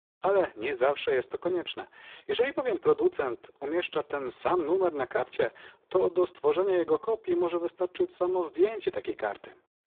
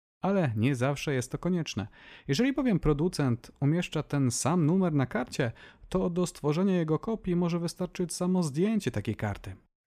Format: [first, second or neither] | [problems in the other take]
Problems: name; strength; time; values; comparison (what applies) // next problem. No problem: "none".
second | phone-call audio; poor line